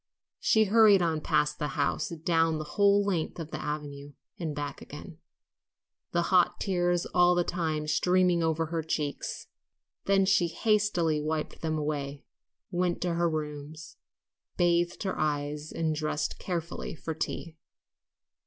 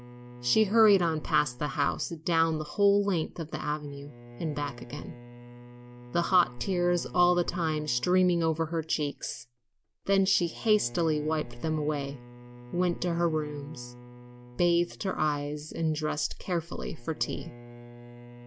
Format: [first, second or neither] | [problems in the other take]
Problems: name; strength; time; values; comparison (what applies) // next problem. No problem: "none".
first | background sound (Bowed string instrument); 18 dB below the speech